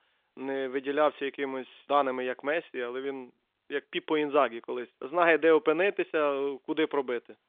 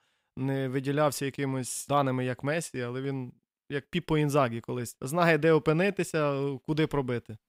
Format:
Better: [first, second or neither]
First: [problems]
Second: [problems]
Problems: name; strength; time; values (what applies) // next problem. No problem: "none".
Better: second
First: phone-call audio; nothing above 3.5 kHz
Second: none